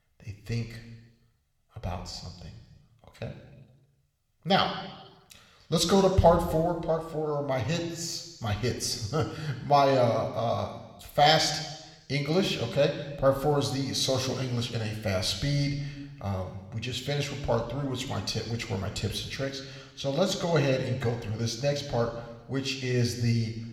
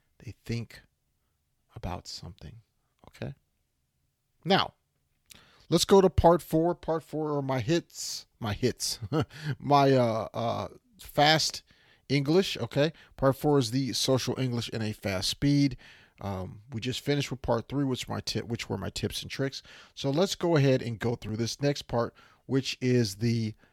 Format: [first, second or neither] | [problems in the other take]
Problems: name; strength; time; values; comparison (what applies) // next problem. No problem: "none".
second | room echo; slight; dies away in 1.1 s